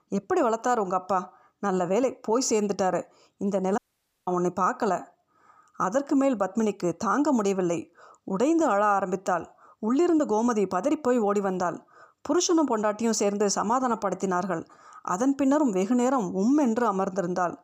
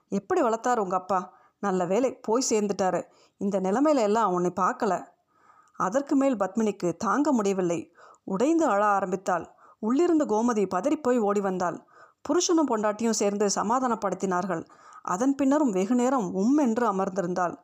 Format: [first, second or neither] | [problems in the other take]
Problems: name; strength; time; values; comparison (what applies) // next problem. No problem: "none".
second | audio cutting out; at 4 s